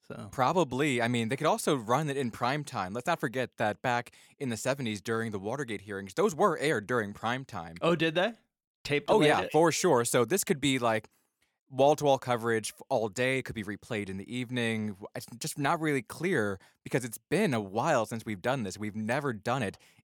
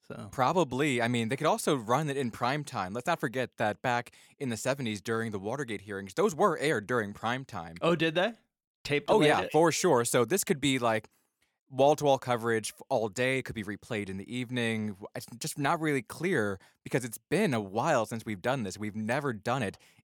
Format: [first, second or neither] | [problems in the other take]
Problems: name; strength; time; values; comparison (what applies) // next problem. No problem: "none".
neither | none